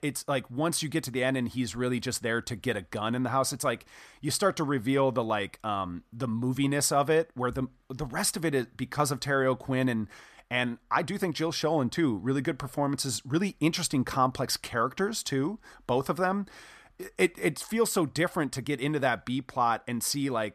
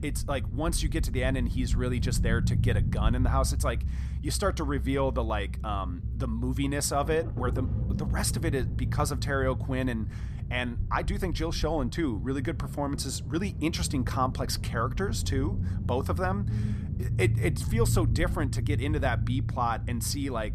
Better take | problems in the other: first | low rumble; noticeable; throughout; 15 dB below the speech

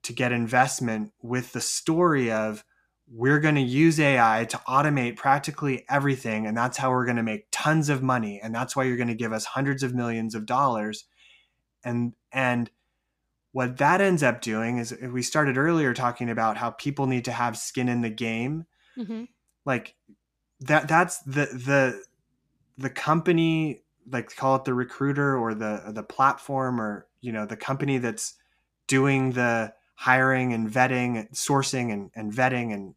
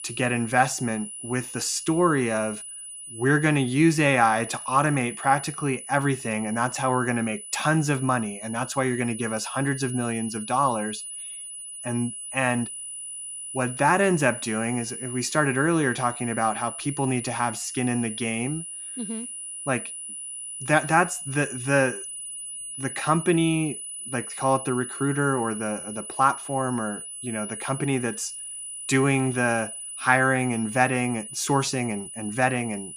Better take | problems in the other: first | high-pitched whine; loud; throughout; 10 kHz, 9 dB below the speech

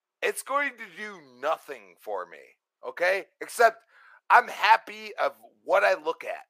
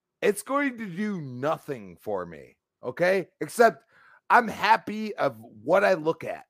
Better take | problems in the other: second | thin; very; fading below 700 Hz

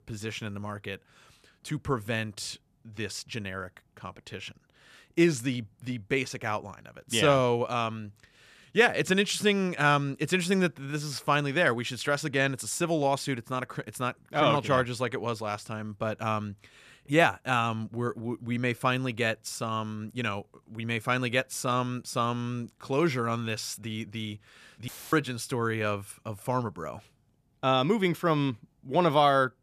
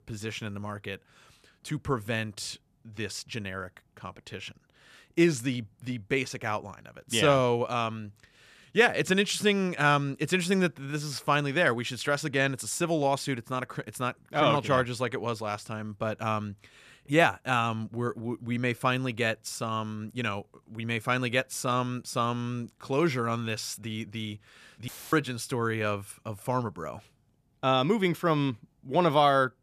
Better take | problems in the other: neither | audio cutting out; filled with static; at 25 s; the same in both

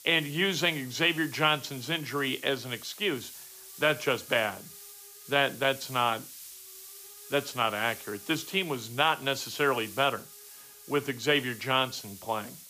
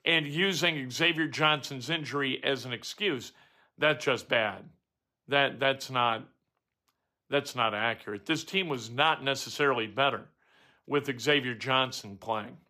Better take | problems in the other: second | hiss; noticeable; throughout; 15 dB below the speech

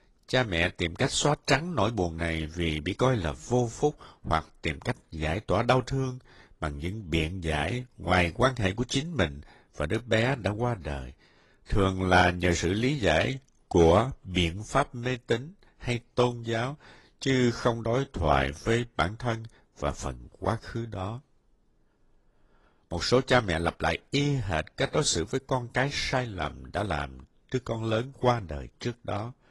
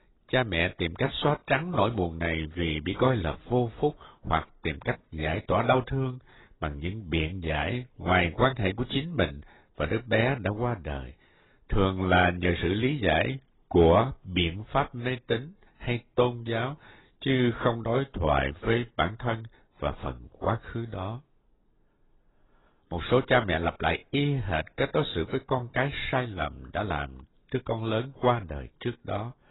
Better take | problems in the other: first | garbled, watery; badly; nothing above 4 kHz; slightly in the first

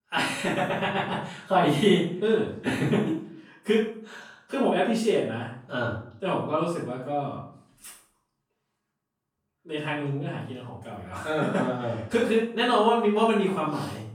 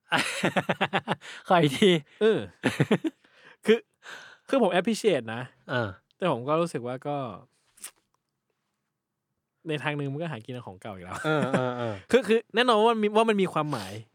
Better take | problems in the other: second | room echo; noticeable; dies away in 0.5 s // off-mic speech; far

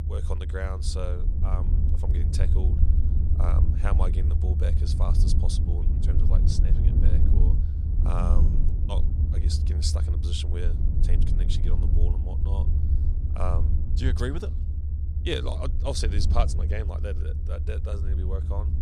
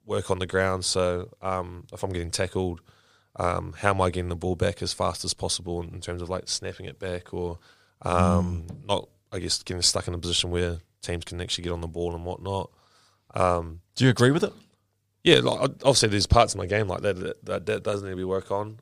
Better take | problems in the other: second | low rumble; loud; throughout; 5 dB below the speech

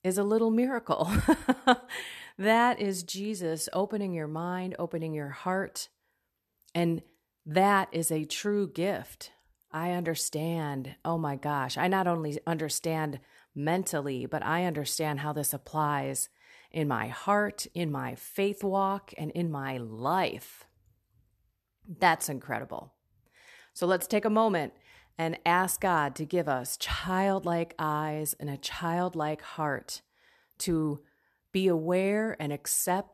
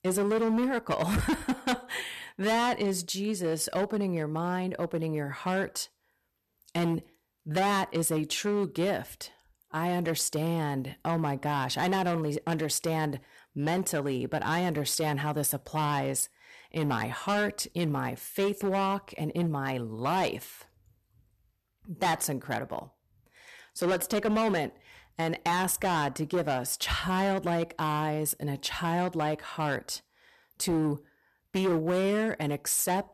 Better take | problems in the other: first | distortion; heavy; 11% of the sound clipped

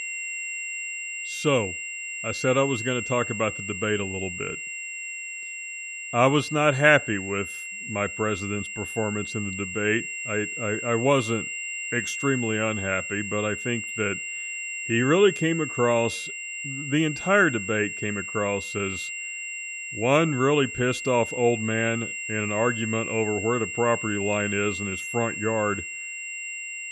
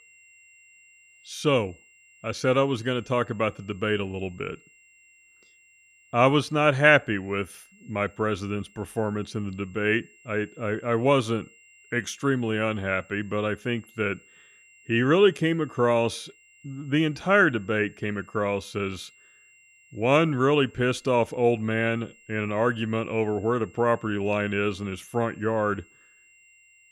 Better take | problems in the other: second | high-pitched whine; loud; throughout; 2.5 kHz, 6 dB below the speech; faint in the second

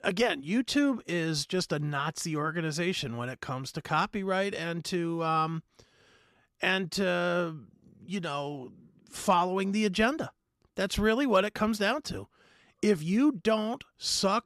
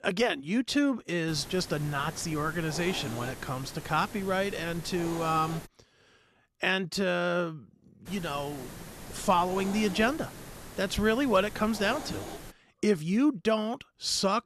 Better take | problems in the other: first | hiss; noticeable; from 1.5 to 5.5 s and from 8 to 13 s; 15 dB below the speech

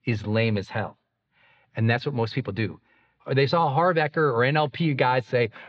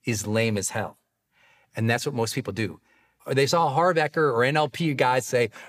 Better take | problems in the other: second | muffled; very slightly; fading above 4 kHz

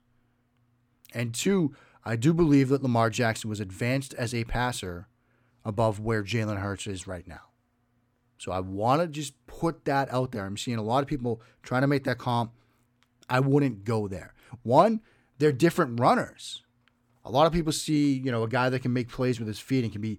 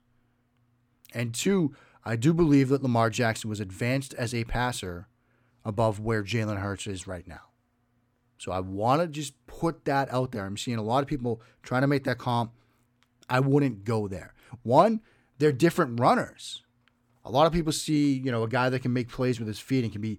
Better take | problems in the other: neither | none

